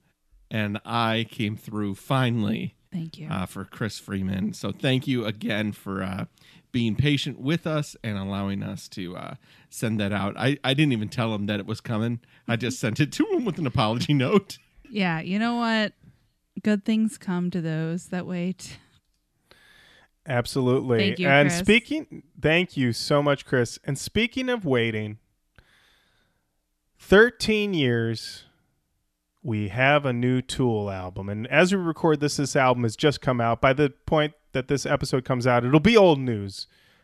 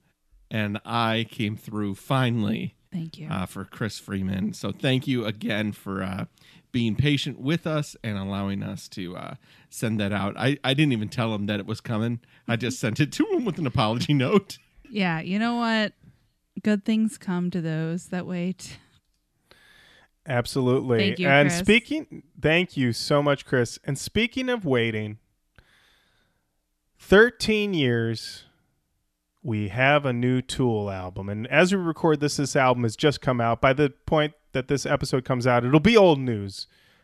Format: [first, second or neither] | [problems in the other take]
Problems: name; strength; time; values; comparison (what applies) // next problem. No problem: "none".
neither | none